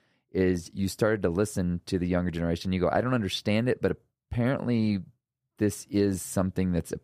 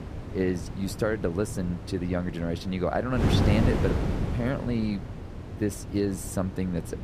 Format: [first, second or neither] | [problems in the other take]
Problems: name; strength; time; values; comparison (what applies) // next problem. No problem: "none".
first | wind noise on the microphone; heavy; 5 dB below the speech